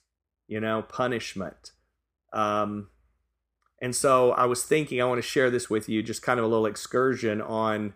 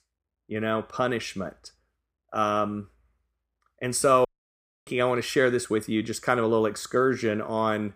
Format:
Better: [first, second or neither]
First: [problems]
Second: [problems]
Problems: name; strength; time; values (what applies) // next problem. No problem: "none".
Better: first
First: none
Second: audio cutting out; at 4.5 s for 0.5 s